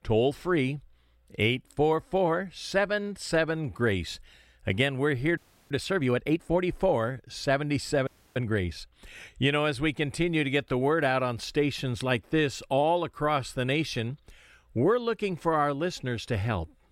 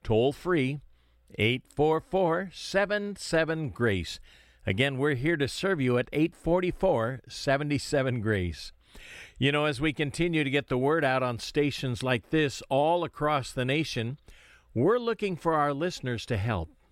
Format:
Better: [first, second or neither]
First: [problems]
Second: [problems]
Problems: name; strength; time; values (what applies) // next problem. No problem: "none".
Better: second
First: audio freezing; at 5.5 s and at 8 s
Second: none